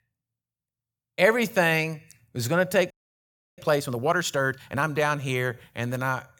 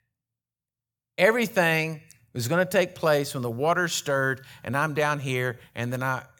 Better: second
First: audio freezing; at 3 s for 0.5 s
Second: none

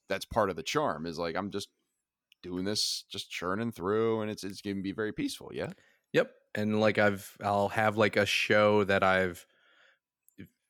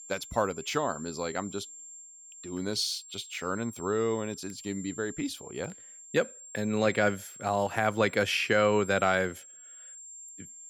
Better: first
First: none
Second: high-pitched whine; noticeable; throughout; 7.5 kHz, 15 dB below the speech

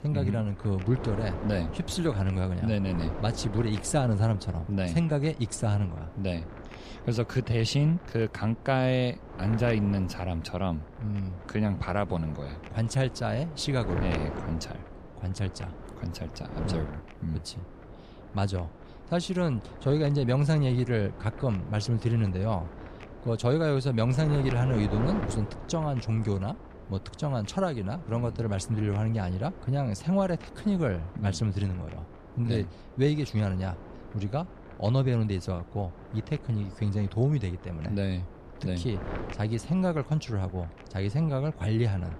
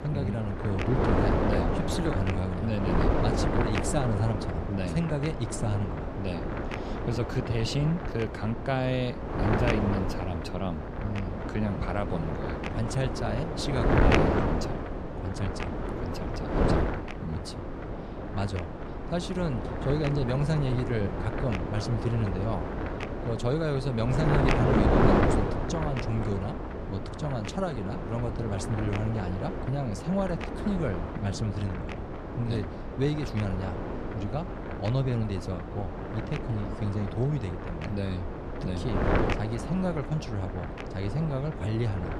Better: first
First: wind noise on the microphone; occasional gusts; 10 dB below the speech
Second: wind noise on the microphone; heavy; 2 dB above the speech

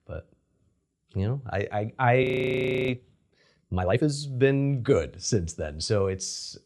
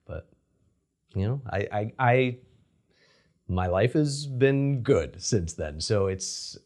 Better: second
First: audio freezing; at 2 s for 0.5 s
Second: none

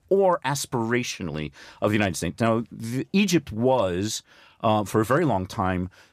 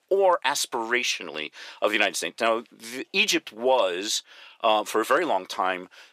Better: first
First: none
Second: thin; very; fading below 400 Hz

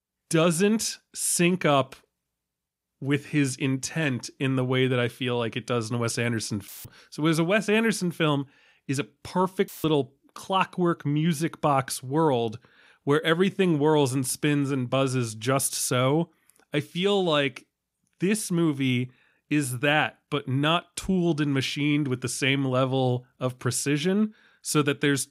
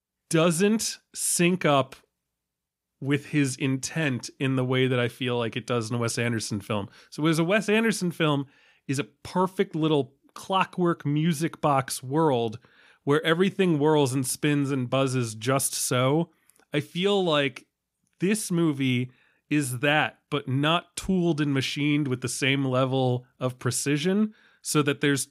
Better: second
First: audio cutting out; filled with static; at 6.5 s and at 9.5 s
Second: none

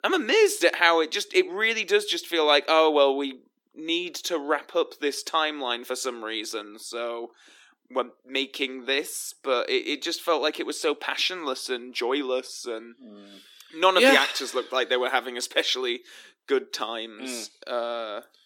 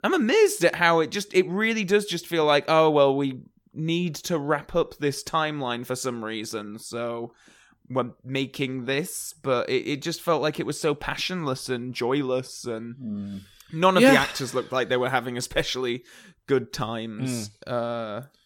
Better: second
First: thin; somewhat; fading below 300 Hz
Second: none

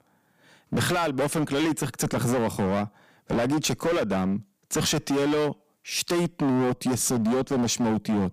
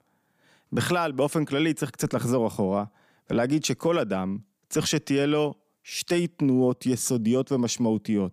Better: second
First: distortion; heavy; 23% of the sound clipped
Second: none

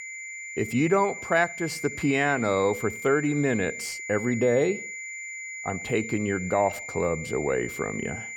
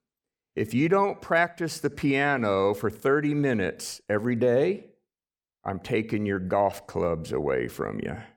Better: second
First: high-pitched whine; loud; throughout; 2 kHz, 9 dB below the speech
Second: none

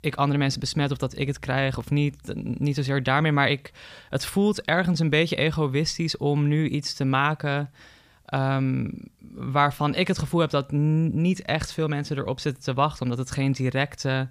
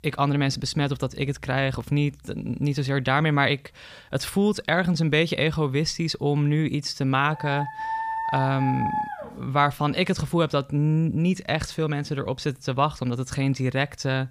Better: first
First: none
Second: dog barking; noticeable; from 7.5 to 9.5 s; peak 3 dB below the speech

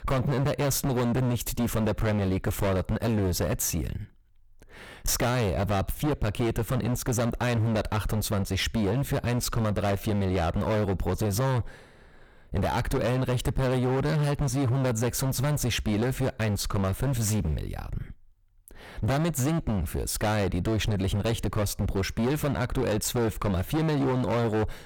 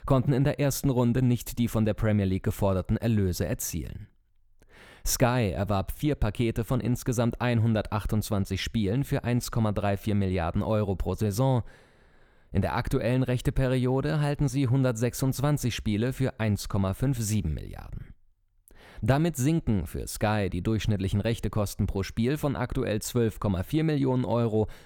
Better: second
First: distortion; heavy; 28% of the sound clipped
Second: none

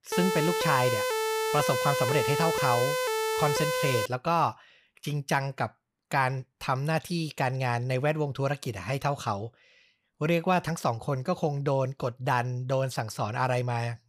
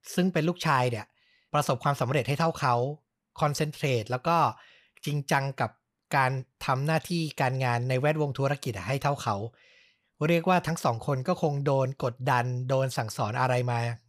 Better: second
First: siren; loud; until 4 s; peak 1 dB above the speech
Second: none

